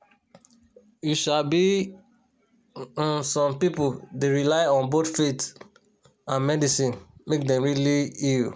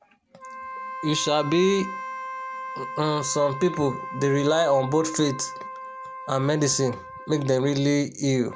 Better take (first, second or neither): first